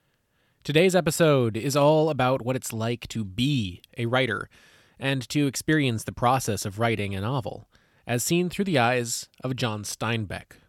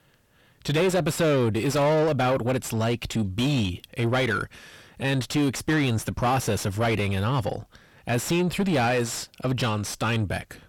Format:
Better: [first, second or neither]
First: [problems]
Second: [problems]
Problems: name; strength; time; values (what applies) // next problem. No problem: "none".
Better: first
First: none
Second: distortion; heavy; 6 dB below the speech